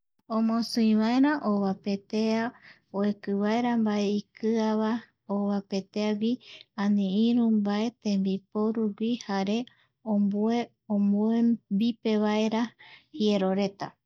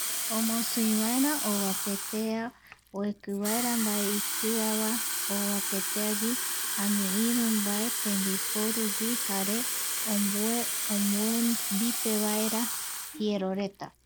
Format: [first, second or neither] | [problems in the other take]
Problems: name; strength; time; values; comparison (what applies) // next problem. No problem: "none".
first | background sound (Fill (with liquid) / Water tap, faucet); 1 dB below the speech